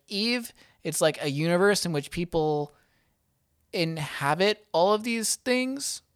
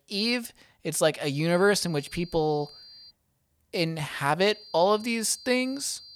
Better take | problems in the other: first | high-pitched whine; noticeable; from 1.5 to 3 s and from 4.5 s on; 4.5 kHz, 20 dB below the speech

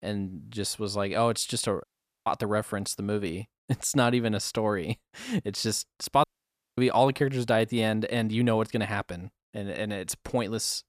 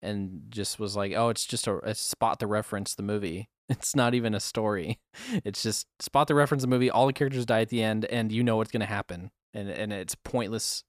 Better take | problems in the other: second | audio cutting out; at 2 s and at 6 s for 0.5 s

